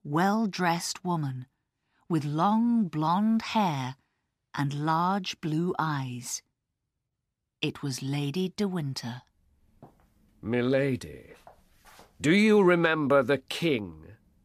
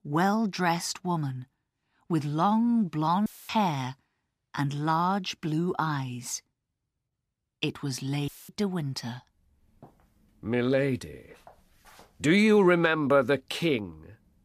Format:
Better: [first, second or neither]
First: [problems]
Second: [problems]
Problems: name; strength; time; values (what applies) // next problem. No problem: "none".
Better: first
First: none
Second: audio cutting out; filled with static; at 3.5 s and at 8.5 s